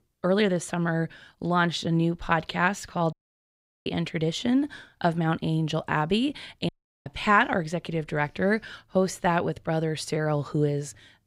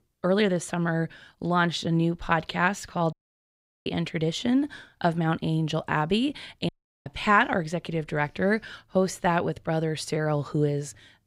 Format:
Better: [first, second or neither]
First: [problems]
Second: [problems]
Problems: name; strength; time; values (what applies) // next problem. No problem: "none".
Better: neither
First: audio cutting out; at 3 s for 0.5 s and at 6.5 s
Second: audio cutting out; at 3 s for 0.5 s and at 6.5 s